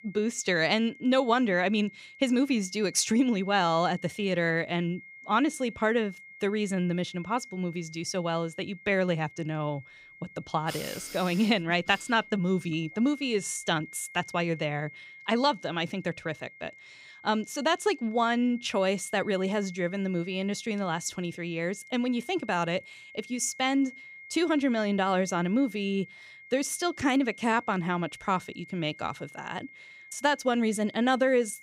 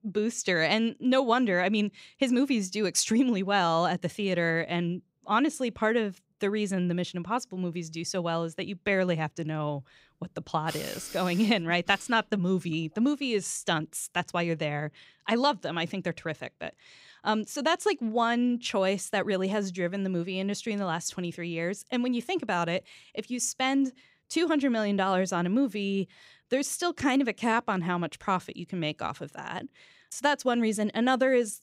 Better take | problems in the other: second | high-pitched whine; noticeable; throughout; 2 kHz, 20 dB below the speech

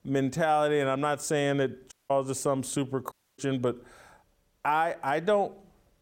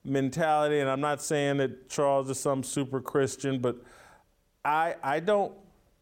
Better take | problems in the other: second | audio cutting out; at 2 s and at 3 s

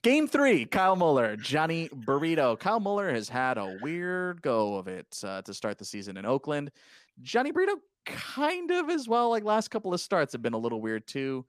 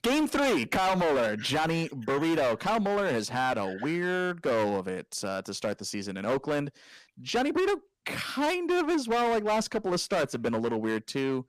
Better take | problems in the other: first | distortion; heavy; 17% of the sound clipped

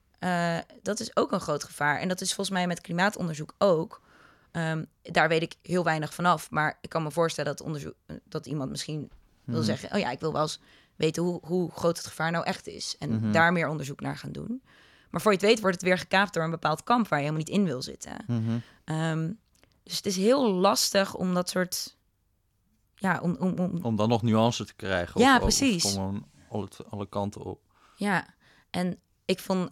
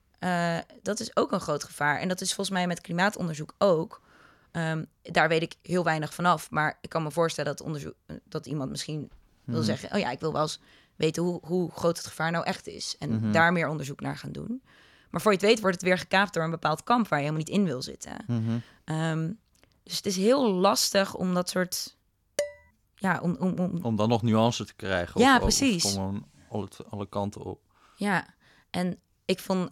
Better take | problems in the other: first | clattering dishes; noticeable; at 22 s; peak 6 dB below the speech

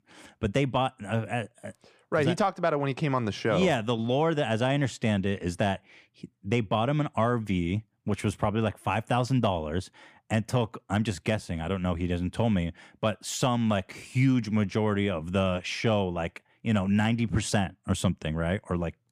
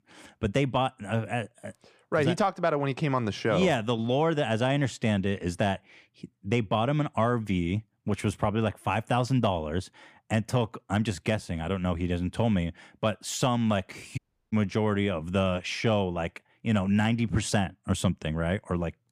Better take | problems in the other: first | audio cutting out; at 14 s

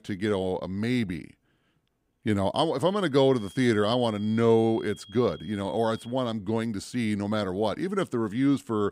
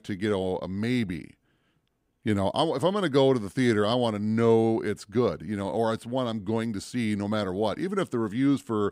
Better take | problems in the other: second | high-pitched whine; faint; from 3 to 6 s; 3.5 kHz, 20 dB below the speech

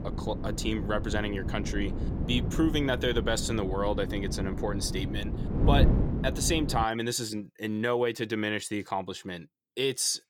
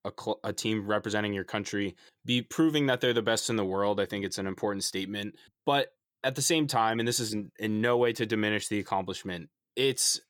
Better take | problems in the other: second | wind noise on the microphone; heavy; until 7 s; 9 dB below the speech

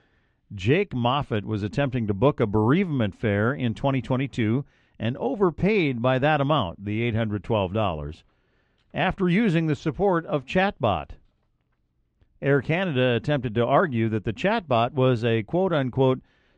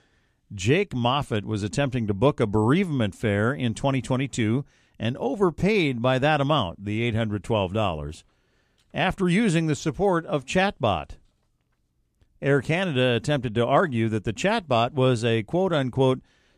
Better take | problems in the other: second | muffled; slightly; fading above 3 kHz

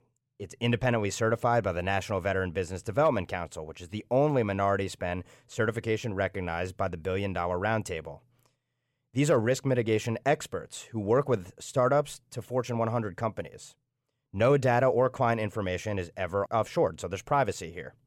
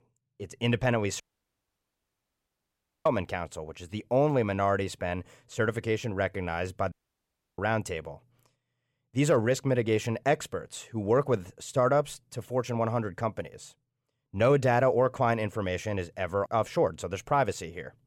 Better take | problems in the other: first | audio cutting out; at 1 s for 2 s and at 7 s for 0.5 s

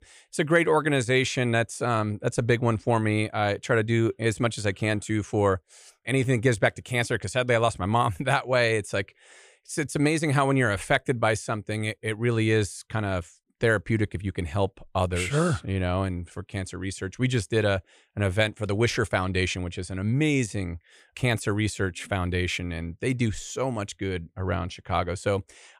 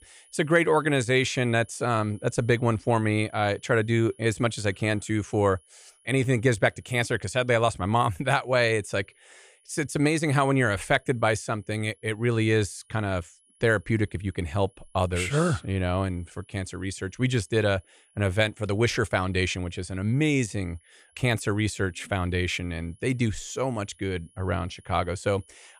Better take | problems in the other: first | high-pitched whine; faint; throughout; 10.5 kHz, 30 dB below the speech

